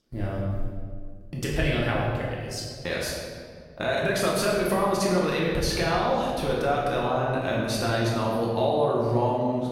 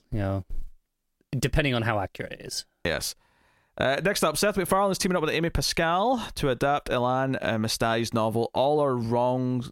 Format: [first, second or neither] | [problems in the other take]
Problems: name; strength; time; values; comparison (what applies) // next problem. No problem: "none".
second | room echo; noticeable; dies away in 1.6 s // off-mic speech; far